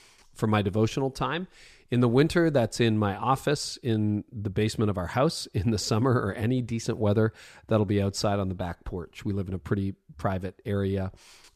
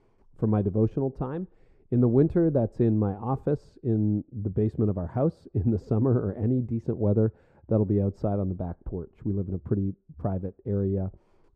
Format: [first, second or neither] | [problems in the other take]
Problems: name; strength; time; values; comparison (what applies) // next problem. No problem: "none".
first | muffled; very; fading above 1.5 kHz